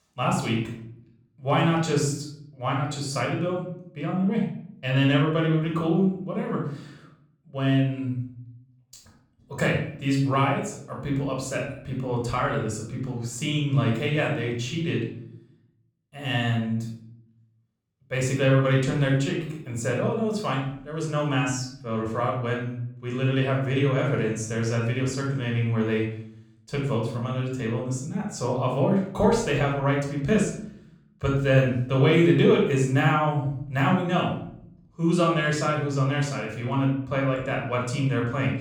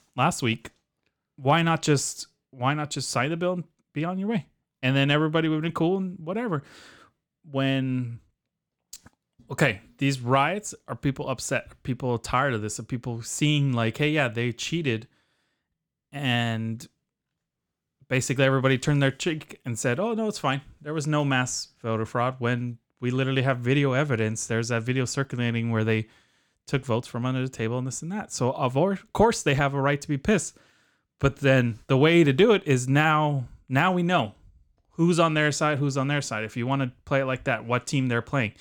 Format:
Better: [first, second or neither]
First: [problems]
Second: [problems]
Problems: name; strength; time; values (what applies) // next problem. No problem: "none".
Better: second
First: off-mic speech; somewhat distant // room echo; noticeable; dies away in 0.6 s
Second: none